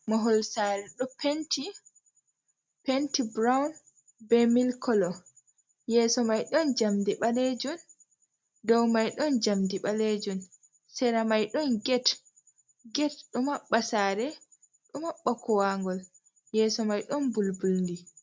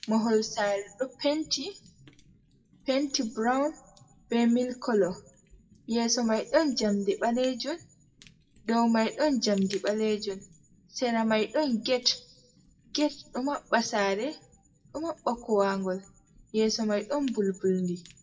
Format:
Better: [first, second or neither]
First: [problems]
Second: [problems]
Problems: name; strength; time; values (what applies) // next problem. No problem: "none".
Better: first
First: none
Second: noise reduction (classical method WPE with log-MMSE)